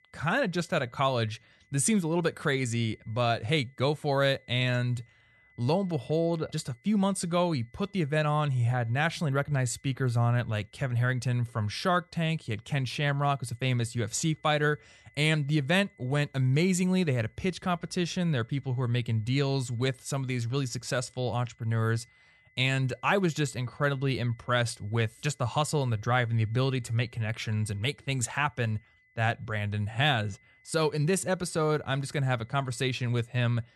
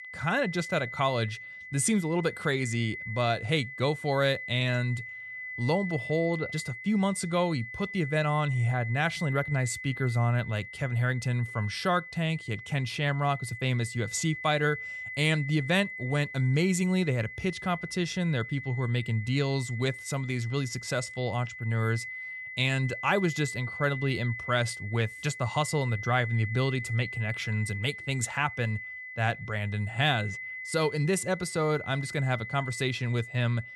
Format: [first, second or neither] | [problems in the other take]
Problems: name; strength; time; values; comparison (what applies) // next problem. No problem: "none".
first | high-pitched whine; loud; throughout; 2 kHz, 9 dB below the speech; faint in the first